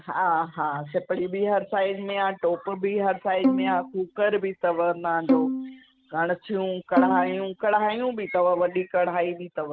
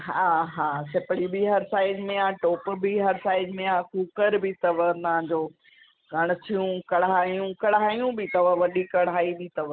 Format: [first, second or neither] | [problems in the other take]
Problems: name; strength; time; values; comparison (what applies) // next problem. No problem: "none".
second | noise reduction (neural mask model RNNoise)